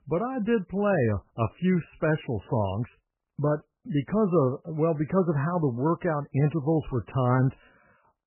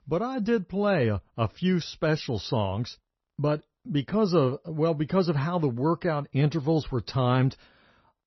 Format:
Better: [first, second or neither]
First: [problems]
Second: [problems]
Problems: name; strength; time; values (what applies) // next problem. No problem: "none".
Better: second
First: garbled, watery; badly; nothing above 3 kHz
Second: garbled, watery; slightly; nothing above 6 kHz